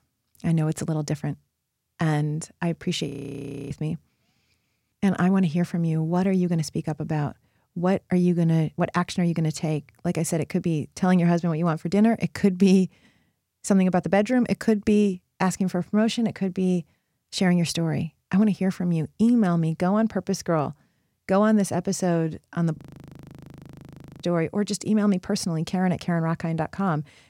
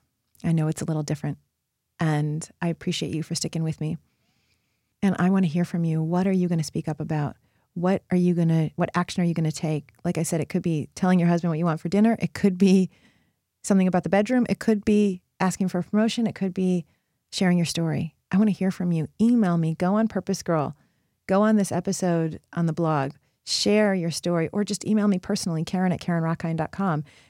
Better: second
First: audio freezing; at 3 s for 0.5 s and at 23 s for 1.5 s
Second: none

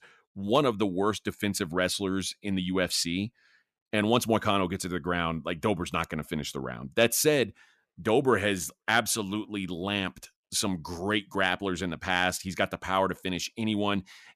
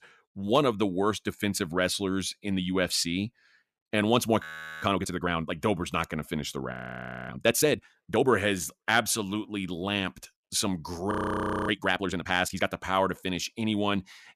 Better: first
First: none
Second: audio freezing; at 4.5 s, at 6.5 s for 0.5 s and at 11 s for 0.5 s

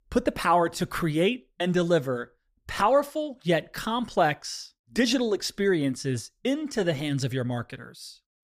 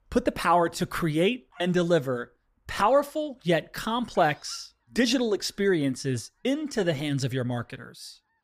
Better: first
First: none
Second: animal sounds; faint; throughout; 30 dB below the speech

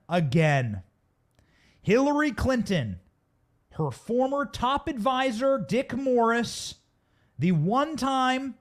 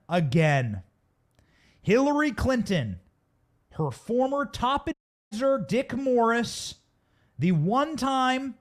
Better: first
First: none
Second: audio cutting out; at 5 s

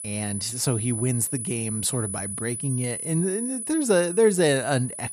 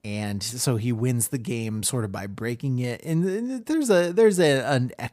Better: second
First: high-pitched whine; loud; throughout; 10 kHz, 5 dB below the speech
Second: none

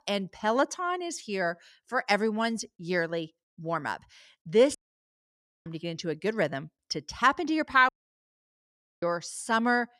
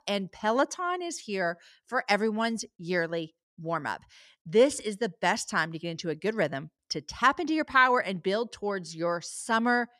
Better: second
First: audio cutting out; at 5 s for 1 s and at 8 s for 1 s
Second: none

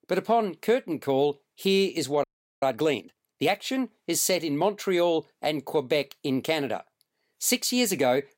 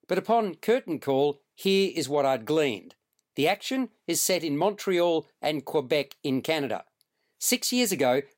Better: second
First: audio freezing; at 2 s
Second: none

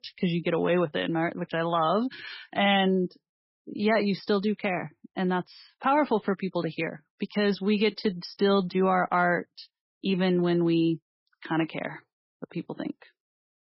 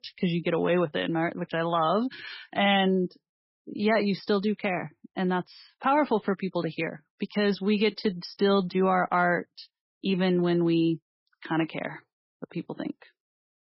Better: neither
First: garbled, watery; badly; nothing above 5.5 kHz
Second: garbled, watery; badly; nothing above 5.5 kHz

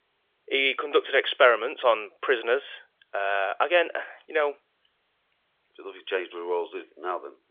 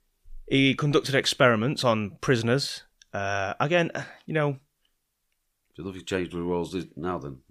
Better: second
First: phone-call audio; nothing above 3.5 kHz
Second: none

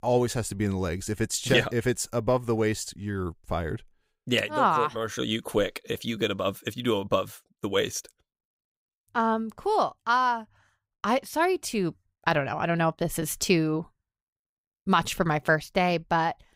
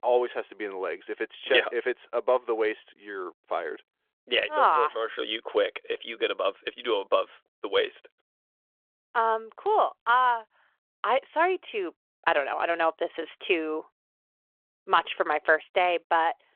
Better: first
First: none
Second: phone-call audio; nothing above 3.5 kHz

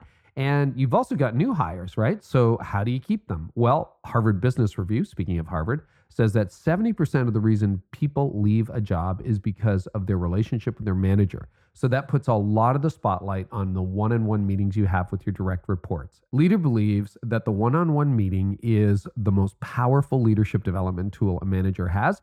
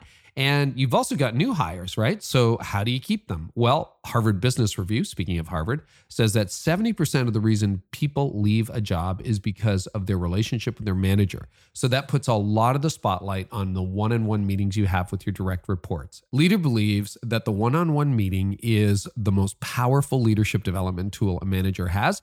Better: second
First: muffled; very; fading above 2 kHz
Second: none

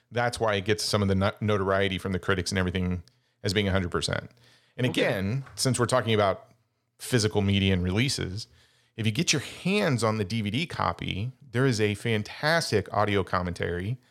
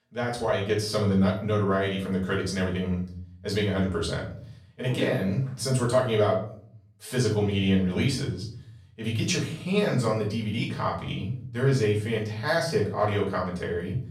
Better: first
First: none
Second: off-mic speech; far // room echo; slight; dies away in 0.6 s

